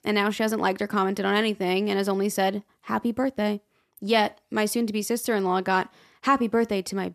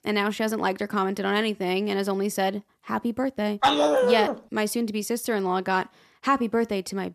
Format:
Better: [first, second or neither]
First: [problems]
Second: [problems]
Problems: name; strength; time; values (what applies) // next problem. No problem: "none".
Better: first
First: none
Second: dog barking; loud; at 3.5 s; peak 6 dB above the speech